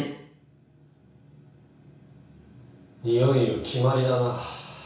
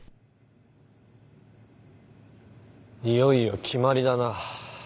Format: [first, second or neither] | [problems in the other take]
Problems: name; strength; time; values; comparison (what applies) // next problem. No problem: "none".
second | room echo; dies away in 0.6 s